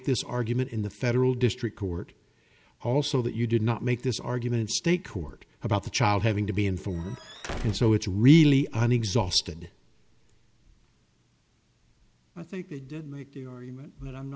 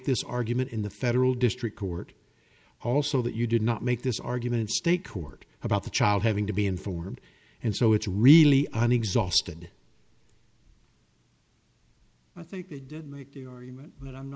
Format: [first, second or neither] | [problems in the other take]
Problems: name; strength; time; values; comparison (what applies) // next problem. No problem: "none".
second | background sound (Squeak / Slam / Wood); 11 dB below the speech